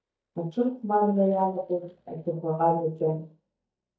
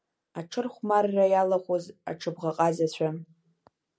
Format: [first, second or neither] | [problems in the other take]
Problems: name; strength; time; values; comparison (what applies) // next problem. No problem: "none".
second | noise reduction (neural mask model DeepFilterNet 3)